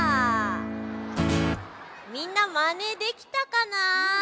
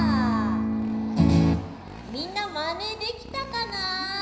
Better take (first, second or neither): first